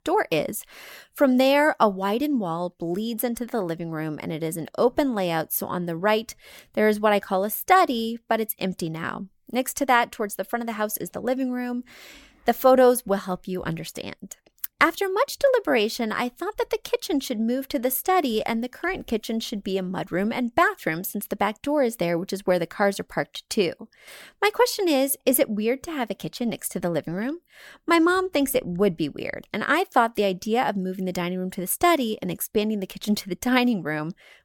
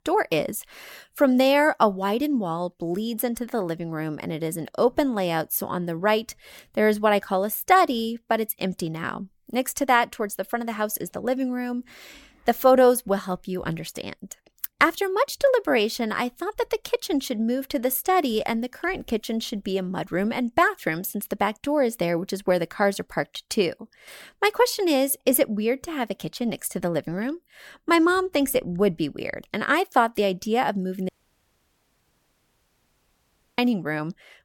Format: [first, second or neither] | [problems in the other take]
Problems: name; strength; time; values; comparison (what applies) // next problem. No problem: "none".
first | audio cutting out; at 31 s for 2.5 s